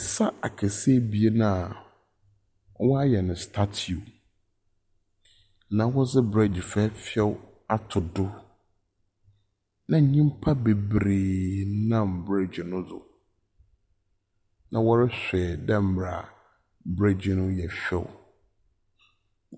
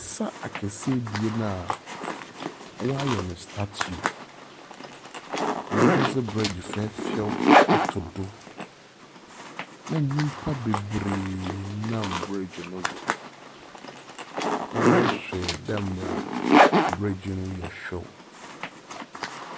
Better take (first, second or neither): first